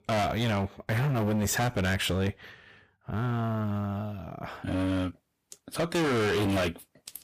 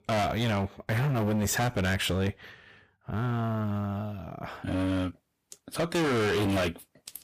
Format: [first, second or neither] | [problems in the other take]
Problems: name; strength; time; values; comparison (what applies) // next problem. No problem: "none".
neither | distortion; heavy; 20% of the sound clipped; the same in both